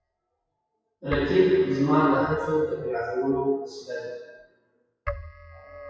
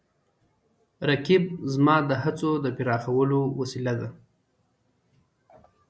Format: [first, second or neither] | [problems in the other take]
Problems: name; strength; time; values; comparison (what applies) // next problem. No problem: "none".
second | noise reduction (classical method WPE with log-MMSE)